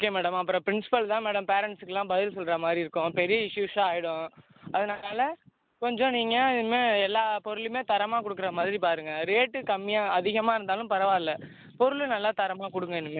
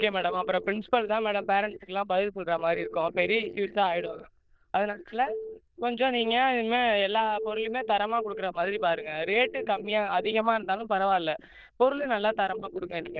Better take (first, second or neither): first